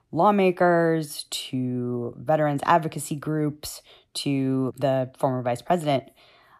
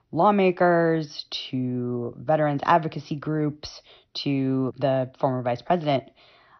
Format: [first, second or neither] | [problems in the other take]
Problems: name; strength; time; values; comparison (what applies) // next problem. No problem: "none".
first | garbled, watery; slightly; nothing above 6 kHz